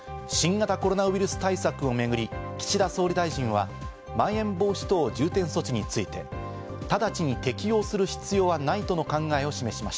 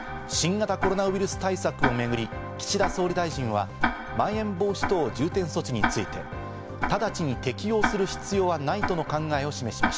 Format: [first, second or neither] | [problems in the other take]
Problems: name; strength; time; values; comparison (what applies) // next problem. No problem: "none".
first | background sound (Tick-tock); 5 dB below the speech